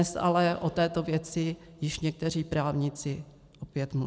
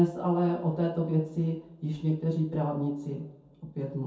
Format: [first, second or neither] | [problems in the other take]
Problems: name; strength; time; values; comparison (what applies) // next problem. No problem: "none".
first | room echo; dies away in 0.6 s